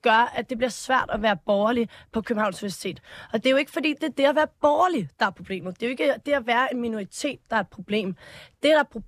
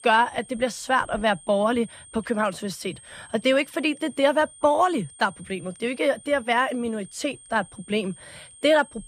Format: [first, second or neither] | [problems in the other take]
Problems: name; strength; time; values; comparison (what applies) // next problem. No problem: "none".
first | high-pitched whine; faint; throughout; 8.5 kHz, 20 dB below the speech